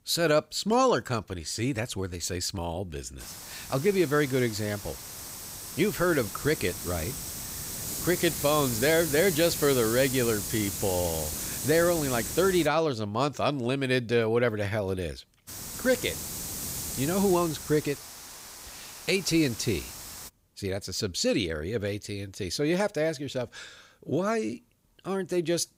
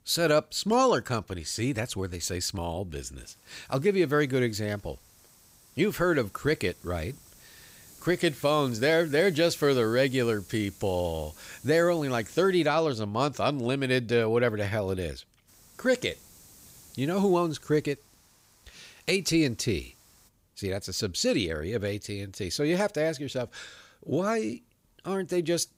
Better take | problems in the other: second | hiss; loud; from 3 to 13 s and from 15 to 20 s; 6 dB below the speech; faint in the second

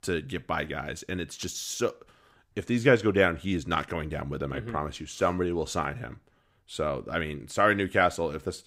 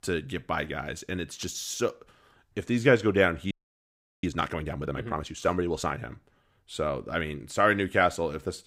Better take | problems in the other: first | audio freezing; at 3.5 s for 0.5 s

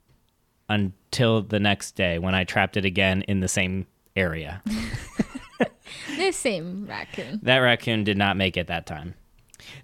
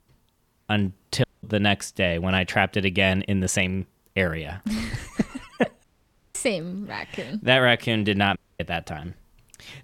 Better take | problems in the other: first | audio cutting out; at 1 s, at 6 s for 0.5 s and at 8.5 s

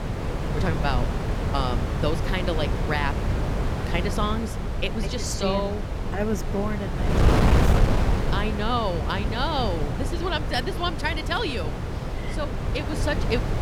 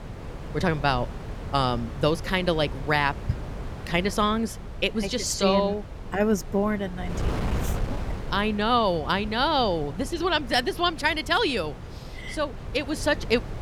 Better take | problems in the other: second | wind noise on the microphone; heavy; 3 dB below the speech; occasional gusts in the second

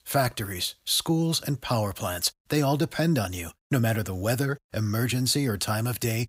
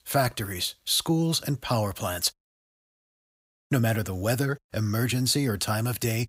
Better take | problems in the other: first | audio cutting out; at 2.5 s for 1 s

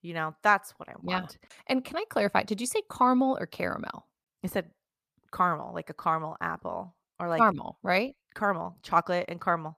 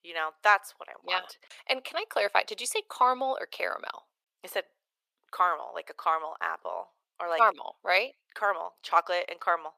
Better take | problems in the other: first | thin; very; fading below 450 Hz

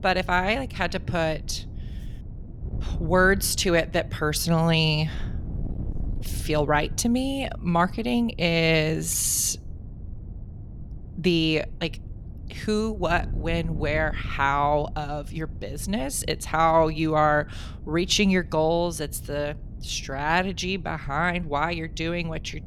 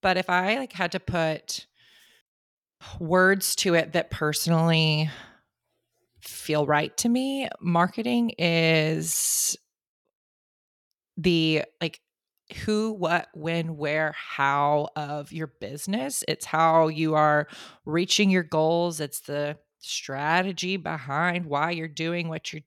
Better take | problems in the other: second | wind noise on the microphone; occasional gusts; 25 dB below the speech

